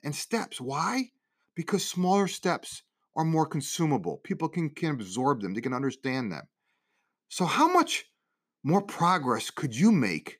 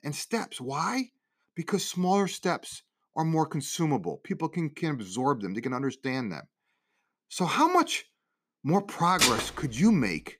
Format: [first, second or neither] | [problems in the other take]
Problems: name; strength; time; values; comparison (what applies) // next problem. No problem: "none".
first | clattering dishes; loud; at 9 s; peak 4 dB above the speech